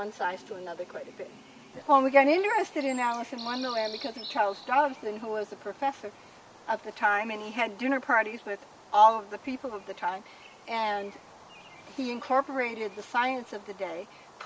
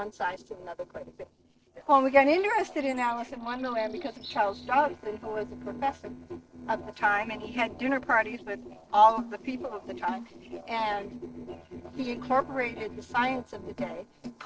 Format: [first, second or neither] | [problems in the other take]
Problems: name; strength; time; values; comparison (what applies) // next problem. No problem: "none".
first | noise reduction (neural separator model SepFormer DNS4)